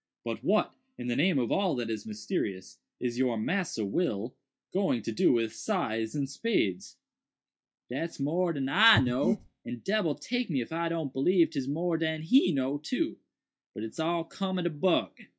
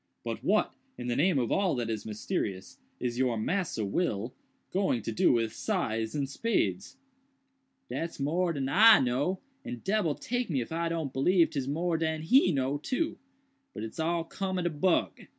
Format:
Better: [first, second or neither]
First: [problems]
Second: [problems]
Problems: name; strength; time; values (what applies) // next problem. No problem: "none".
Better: second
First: noise reduction (classical method log-MMSE)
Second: none